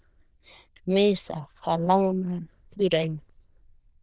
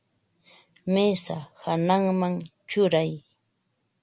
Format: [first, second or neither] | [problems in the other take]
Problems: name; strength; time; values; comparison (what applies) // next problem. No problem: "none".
second | noise reduction (neural diffusion model UNIVERSE++)